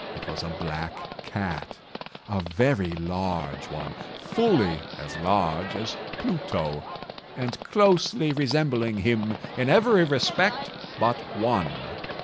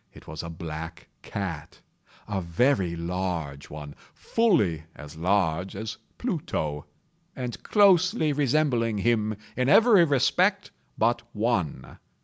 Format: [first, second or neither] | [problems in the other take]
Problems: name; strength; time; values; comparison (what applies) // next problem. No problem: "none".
second | background sound (Livestock, farm animals, working animals); 10 dB below the speech